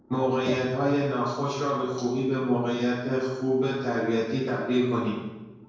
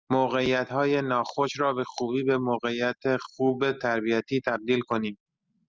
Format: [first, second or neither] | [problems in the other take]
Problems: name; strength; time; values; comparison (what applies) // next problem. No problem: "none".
second | background sound (Bird); 19 dB below the speech // room echo; dies away in 1 s